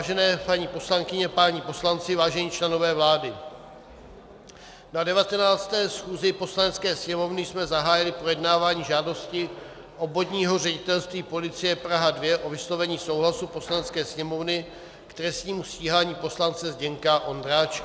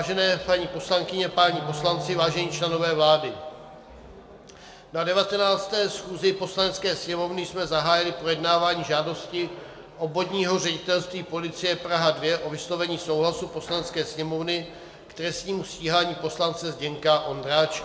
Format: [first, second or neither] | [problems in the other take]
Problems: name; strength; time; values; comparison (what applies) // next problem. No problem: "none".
first | background sound (Wind instrument, woodwind instrument); 12 dB below the speech // room echo; dies away in 0.6 s